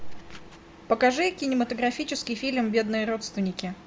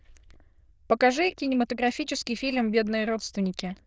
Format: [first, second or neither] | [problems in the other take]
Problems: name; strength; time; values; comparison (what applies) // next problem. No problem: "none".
first | noise reduction (neural diffusion model UNIVERSE++)